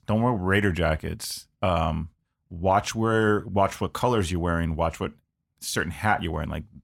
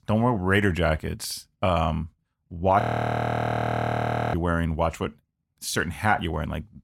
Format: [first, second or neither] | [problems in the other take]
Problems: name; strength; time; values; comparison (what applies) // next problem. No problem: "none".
first | audio freezing; at 3 s for 1.5 s